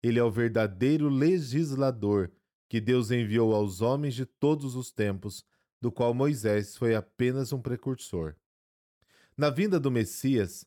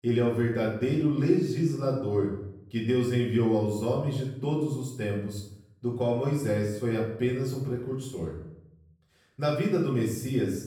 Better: first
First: none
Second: off-mic speech; far // room echo; noticeable; dies away in 0.6 s

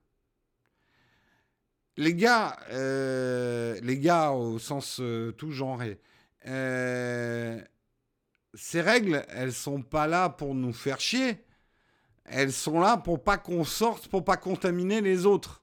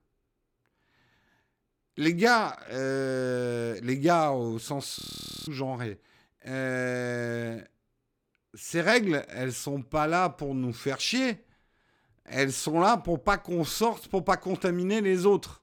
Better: first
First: none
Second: audio freezing; at 5 s

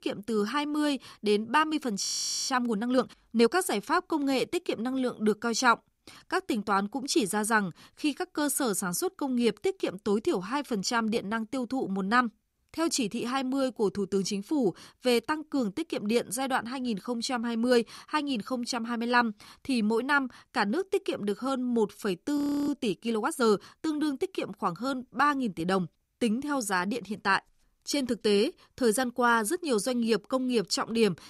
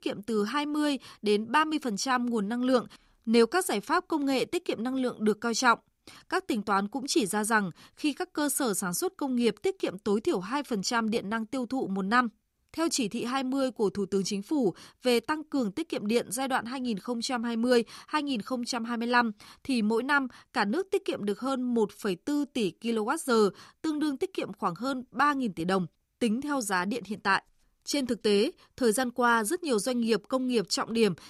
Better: second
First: audio freezing; at 2 s and at 22 s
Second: none

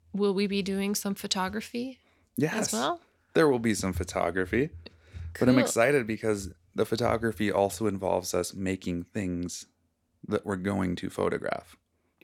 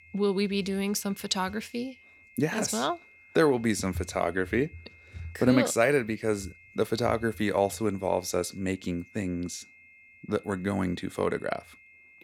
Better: first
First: none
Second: high-pitched whine; faint; throughout; 2 kHz, 25 dB below the speech

